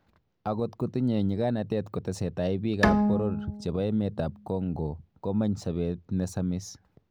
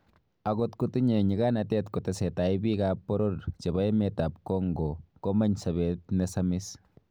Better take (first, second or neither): second